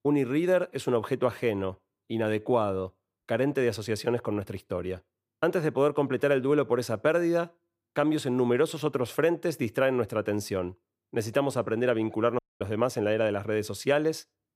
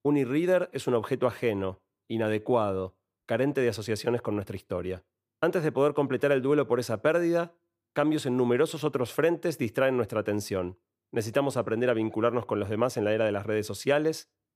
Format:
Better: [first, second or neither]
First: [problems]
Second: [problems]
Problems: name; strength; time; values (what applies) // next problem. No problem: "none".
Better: second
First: audio cutting out; at 12 s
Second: none